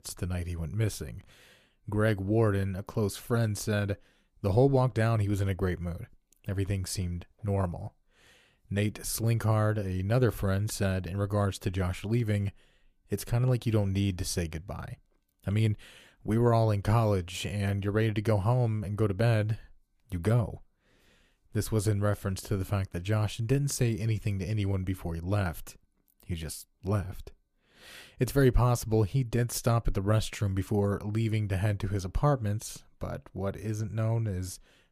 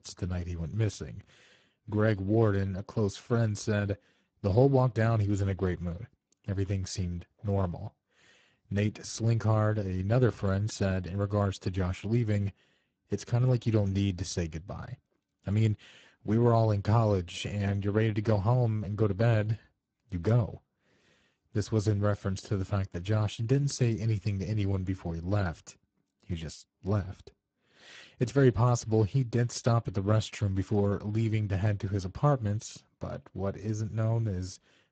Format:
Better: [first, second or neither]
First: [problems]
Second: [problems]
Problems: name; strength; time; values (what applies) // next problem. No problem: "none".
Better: first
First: none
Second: garbled, watery; badly; nothing above 8 kHz